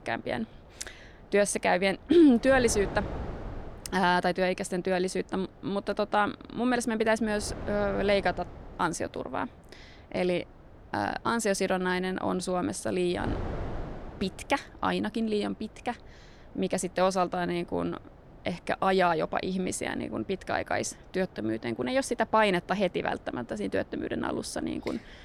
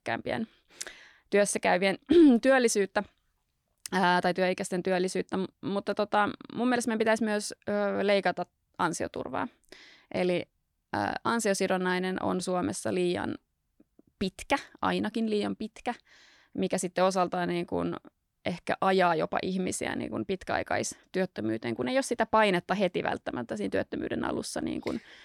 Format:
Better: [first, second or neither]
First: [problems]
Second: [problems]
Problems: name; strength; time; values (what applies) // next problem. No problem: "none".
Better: second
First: wind noise on the microphone; occasional gusts; 20 dB below the speech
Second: none